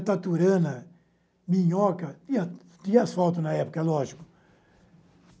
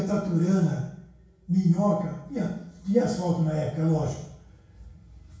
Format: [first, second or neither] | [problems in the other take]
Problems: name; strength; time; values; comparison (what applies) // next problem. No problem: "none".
first | room echo; dies away in 0.6 s